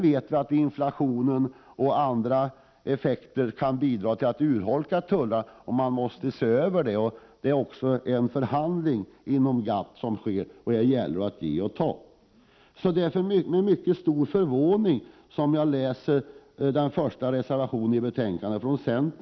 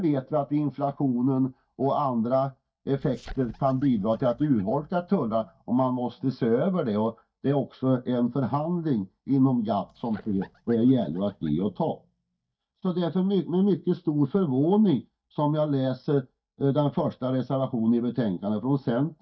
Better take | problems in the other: first | noise reduction (neural mask model DeepFilterNet 3)

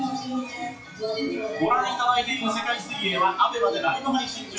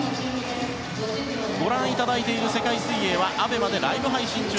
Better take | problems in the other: second | noise reduction (classical method WPE with log-MMSE)

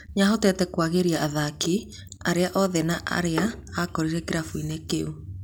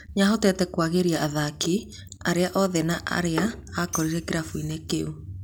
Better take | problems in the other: first | background sound (Tambourine); 16 dB below the speech

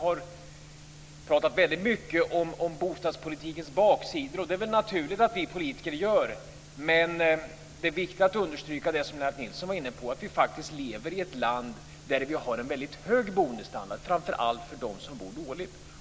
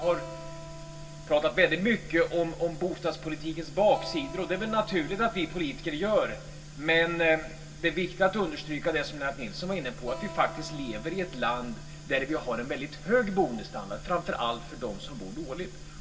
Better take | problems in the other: first | background sound (Acoustic guitar); 19 dB below the speech // room echo; dies away in 0.2 s

